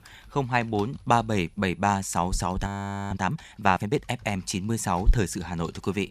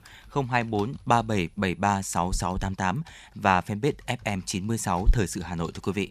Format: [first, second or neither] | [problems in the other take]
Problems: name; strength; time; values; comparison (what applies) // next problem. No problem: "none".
second | audio freezing; at 2.5 s